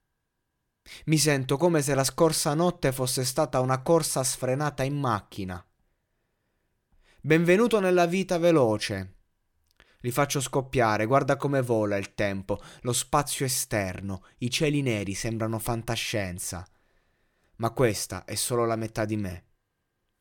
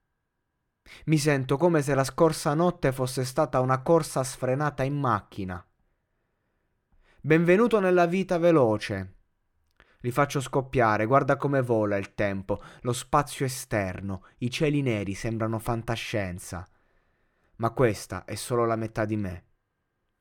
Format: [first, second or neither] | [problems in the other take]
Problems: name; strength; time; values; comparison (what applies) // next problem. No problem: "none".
first | muffled; slightly; fading above 3 kHz